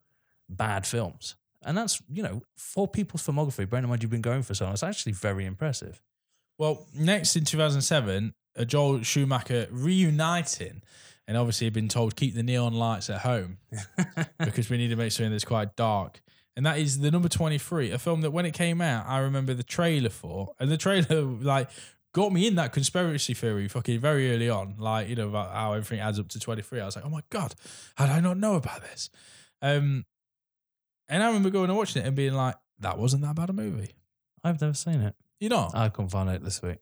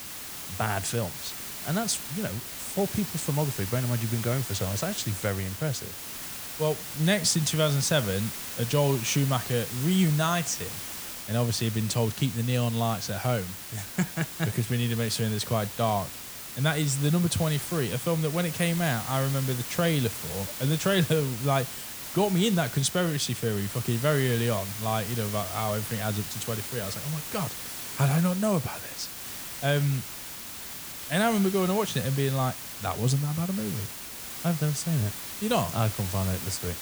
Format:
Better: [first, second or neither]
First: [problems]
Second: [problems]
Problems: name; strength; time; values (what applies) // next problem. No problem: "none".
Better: first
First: none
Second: hiss; loud; throughout; 7 dB below the speech